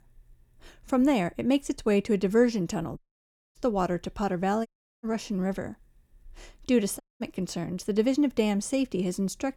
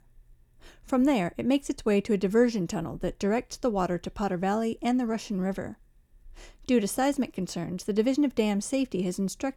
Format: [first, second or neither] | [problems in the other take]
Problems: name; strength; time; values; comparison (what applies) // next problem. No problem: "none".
second | audio cutting out; at 3 s for 0.5 s, at 4.5 s and at 7 s